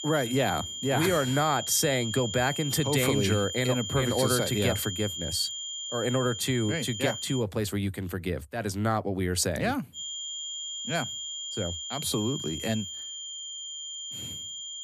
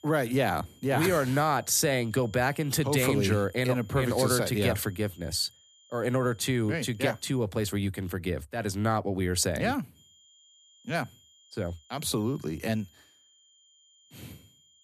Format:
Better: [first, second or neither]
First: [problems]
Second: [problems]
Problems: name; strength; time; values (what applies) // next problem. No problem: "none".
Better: second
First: high-pitched whine; loud; until 7.5 s and from 10 s on; 3 kHz, 6 dB below the speech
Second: high-pitched whine; faint; until 7.5 s and from 10 s on; 3 kHz, 30 dB below the speech